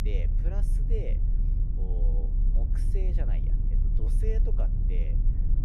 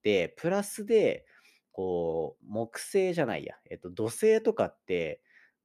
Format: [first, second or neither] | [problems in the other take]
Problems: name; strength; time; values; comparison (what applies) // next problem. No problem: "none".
second | low rumble; loud; throughout; 3 dB below the speech